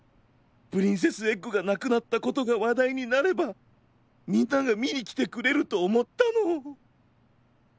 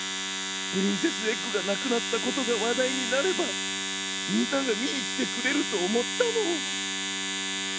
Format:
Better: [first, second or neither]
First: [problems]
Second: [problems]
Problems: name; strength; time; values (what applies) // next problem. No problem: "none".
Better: first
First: none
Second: background sound (Domestic sounds, home sounds); 1 dB below the speech